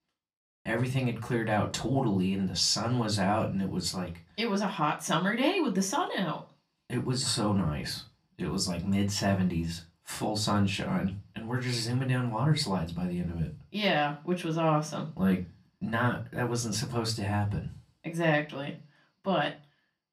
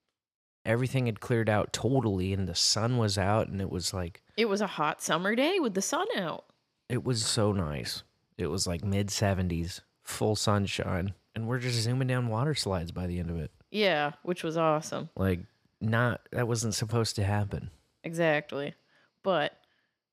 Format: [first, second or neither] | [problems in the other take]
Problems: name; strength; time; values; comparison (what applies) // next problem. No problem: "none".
second | off-mic speech; far // room echo; very slight; dies away in 0.2 s